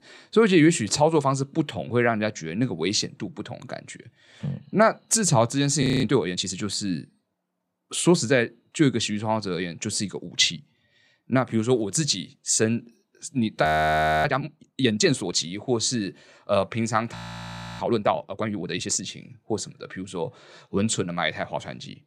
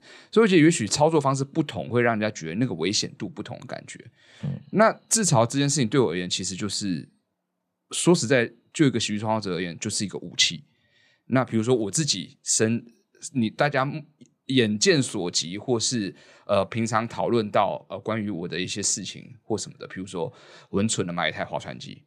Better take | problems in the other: second | audio freezing; at 6 s, at 14 s for 0.5 s and at 17 s for 0.5 s

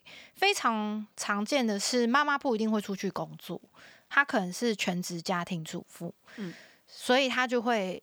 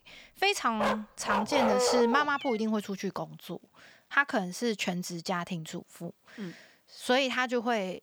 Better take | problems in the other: first | animal sounds; very faint; until 3 s; 1 dB below the speech

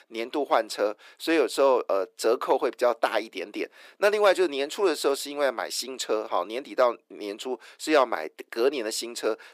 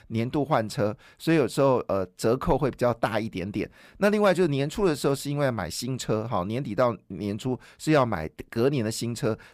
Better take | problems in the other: second | thin; very; fading below 350 Hz

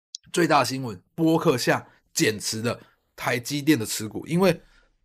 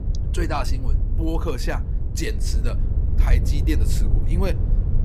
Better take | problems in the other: first | wind noise on the microphone; heavy; 9 dB below the speech

